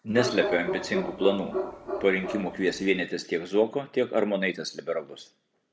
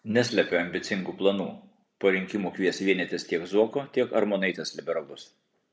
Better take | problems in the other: second | background sound (Bark); 5 dB below the speech

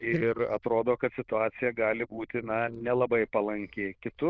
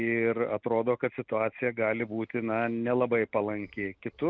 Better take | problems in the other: second | noise reduction (neural diffusion model UNIVERSE++)

